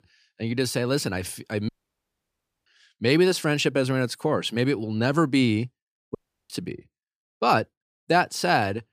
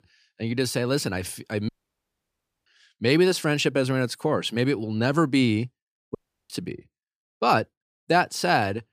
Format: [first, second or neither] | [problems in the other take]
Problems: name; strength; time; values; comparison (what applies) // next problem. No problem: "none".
neither | audio cutting out; at 1.5 s for 1 s and at 6 s; the same in both